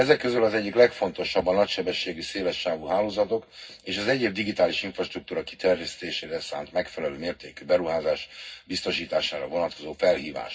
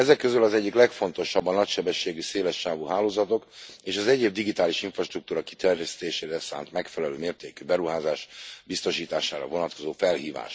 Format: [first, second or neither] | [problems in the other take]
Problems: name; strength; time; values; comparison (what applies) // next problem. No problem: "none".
second | room echo; dies away in 0.4 s